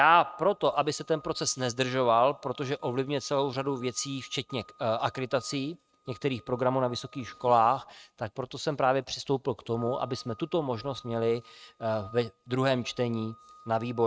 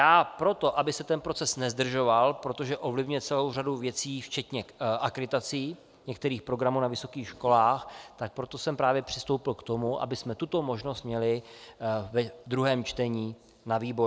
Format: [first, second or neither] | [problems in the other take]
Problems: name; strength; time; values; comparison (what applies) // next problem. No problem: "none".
second | noise reduction (neural mask model RNNoise)